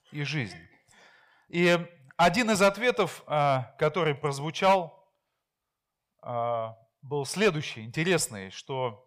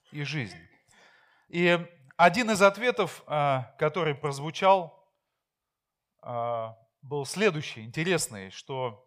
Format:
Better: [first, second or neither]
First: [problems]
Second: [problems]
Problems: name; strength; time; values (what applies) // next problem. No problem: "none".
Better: second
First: distortion; slight; 1.6% of the sound clipped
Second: none